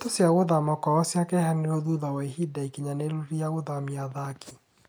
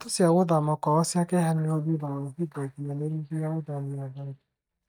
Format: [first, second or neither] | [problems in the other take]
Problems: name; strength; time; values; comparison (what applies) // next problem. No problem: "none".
first | noise reduction (neural mask model DeepFilterNet 3)